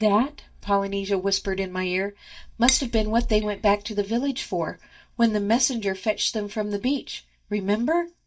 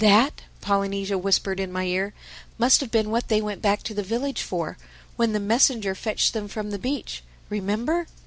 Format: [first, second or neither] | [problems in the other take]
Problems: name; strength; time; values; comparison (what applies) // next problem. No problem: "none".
second | noise reduction (neural mask model DeepFilterNet 3)